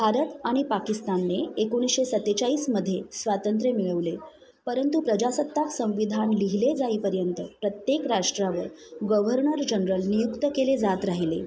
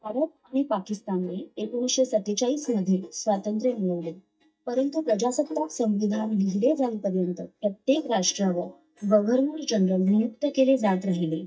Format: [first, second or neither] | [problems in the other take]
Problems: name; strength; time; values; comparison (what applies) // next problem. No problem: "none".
first | noise reduction (neural mask model DeepFilterNet 3)